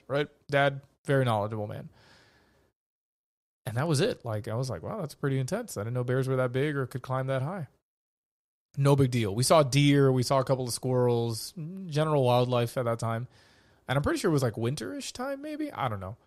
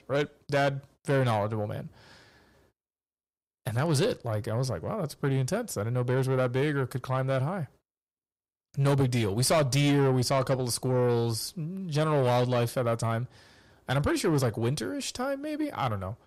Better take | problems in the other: first | distortion; slight; 10 dB below the speech

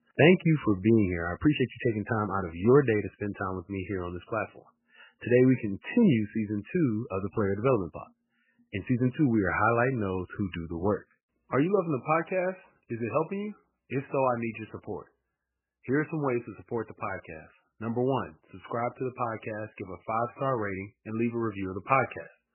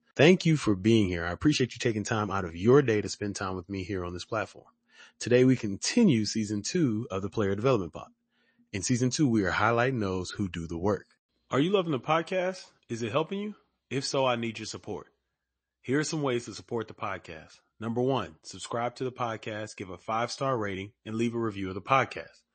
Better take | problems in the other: second | garbled, watery; badly; nothing above 3 kHz; slightly in the second

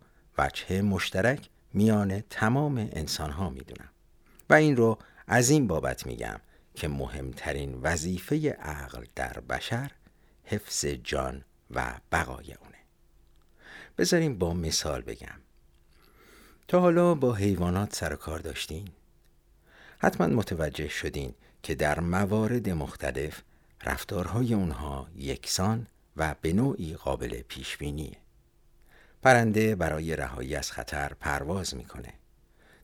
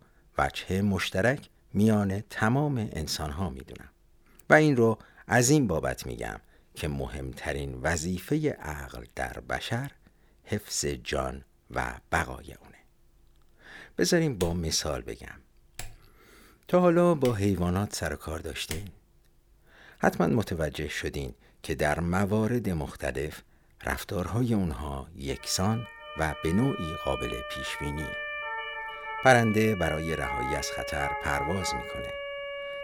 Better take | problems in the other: first | keyboard typing; faint; from 14 to 19 s; peak 10 dB below the speech // siren; noticeable; from 25 s on; peak 4 dB below the speech

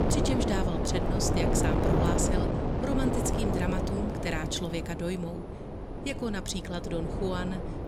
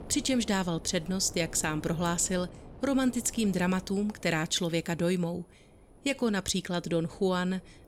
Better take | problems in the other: second | wind noise on the microphone; heavy; 1 dB above the speech; occasional gusts in the second

